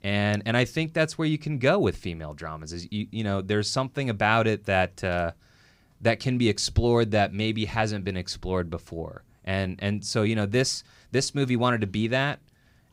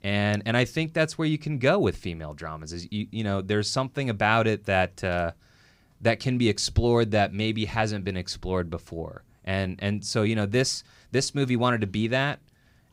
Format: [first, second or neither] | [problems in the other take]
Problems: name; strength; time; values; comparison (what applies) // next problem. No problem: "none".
neither | none